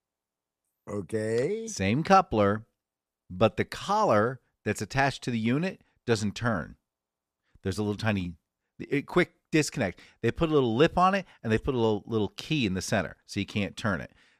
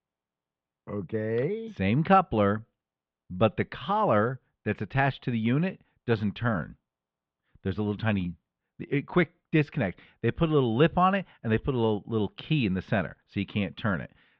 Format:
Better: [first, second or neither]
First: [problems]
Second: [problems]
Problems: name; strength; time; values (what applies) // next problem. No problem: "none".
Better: first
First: none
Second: muffled; very; fading above 3.5 kHz